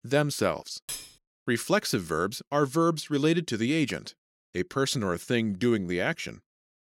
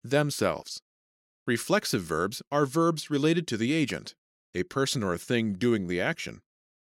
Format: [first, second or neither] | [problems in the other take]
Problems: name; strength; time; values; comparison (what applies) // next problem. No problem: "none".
second | clattering dishes; noticeable; at 1 s; peak 9 dB below the speech